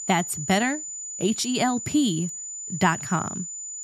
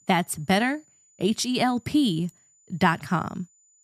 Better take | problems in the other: second | high-pitched whine; loud; throughout; 7 kHz, 7 dB below the speech; faint in the second

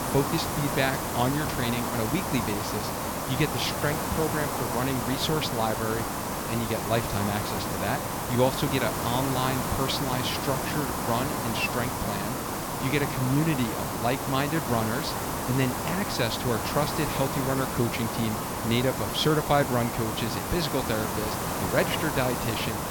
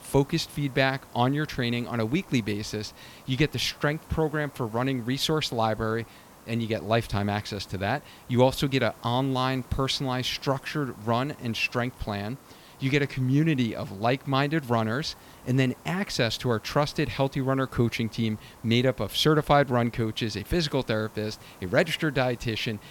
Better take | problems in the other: second | hiss; loud; throughout; 1 dB below the speech; faint in the second

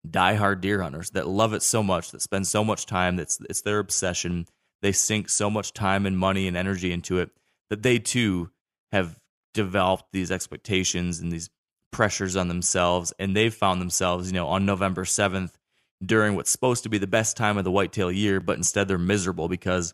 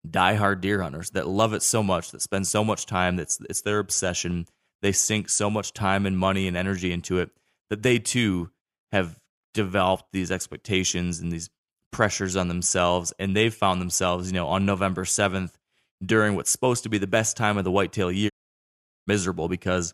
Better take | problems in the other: first | audio cutting out; at 18 s for 1 s

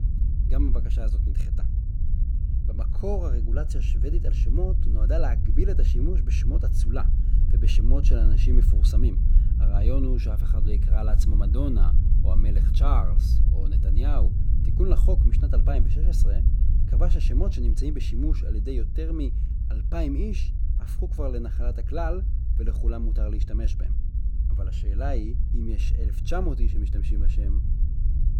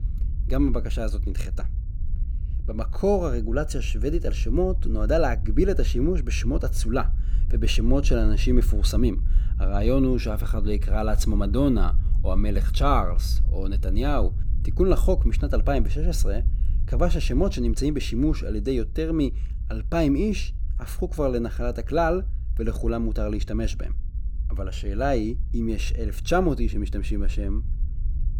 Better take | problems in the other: second | low rumble; loud; throughout; 7 dB below the speech; faint in the second

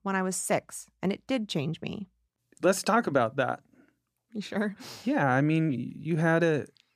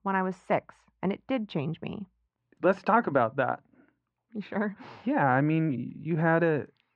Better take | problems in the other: first | muffled; very; fading above 2.5 kHz

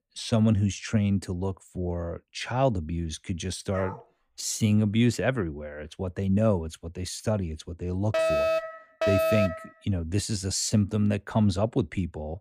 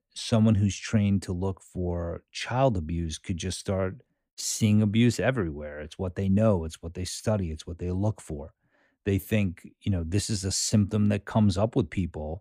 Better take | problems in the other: second | dog barking; faint; at 3.5 s; peak 10 dB below the speech // alarm; loud; from 8 to 9.5 s; peak 4 dB above the speech

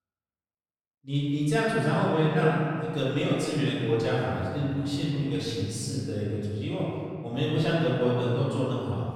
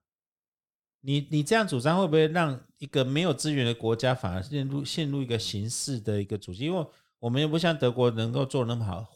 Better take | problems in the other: second | room echo; strong; dies away in 2.2 s // off-mic speech; far

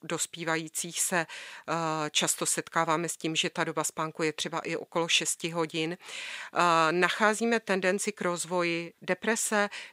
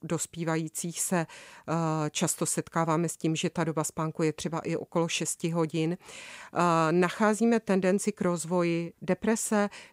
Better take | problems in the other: second | thin; somewhat; fading below 900 Hz

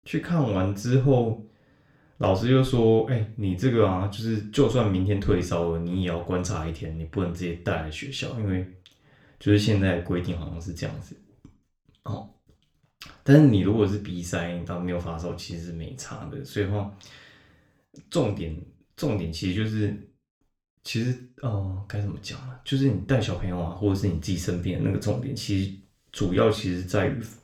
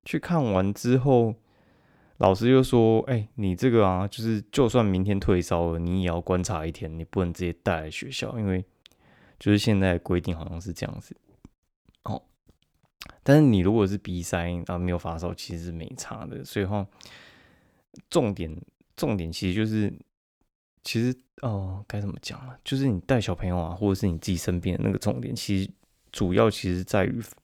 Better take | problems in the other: second | room echo; slight; dies away in 0.4 s // off-mic speech; somewhat distant

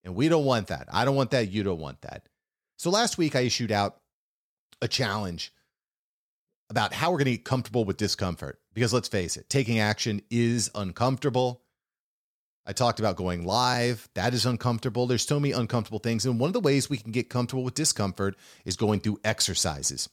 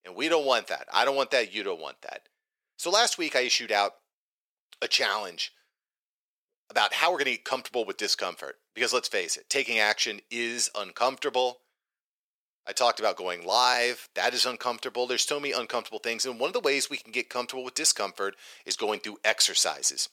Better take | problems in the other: first | thin; very; fading below 450 Hz

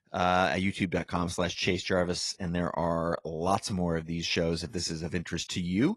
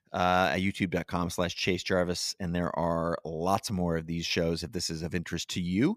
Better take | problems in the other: second | garbled, watery; slightly; nothing above 11 kHz

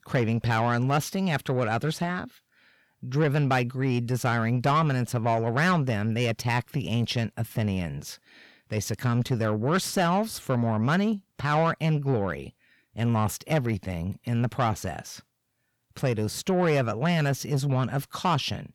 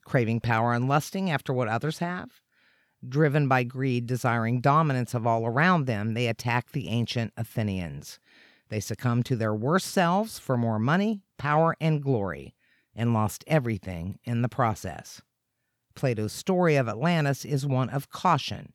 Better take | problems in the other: second | distortion; slight; 10 dB below the speech

